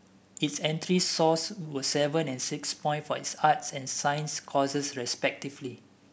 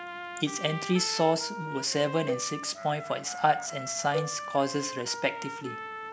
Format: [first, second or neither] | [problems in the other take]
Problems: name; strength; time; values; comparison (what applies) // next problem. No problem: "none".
first | background sound (Trumpet + Cowbell); 8 dB below the speech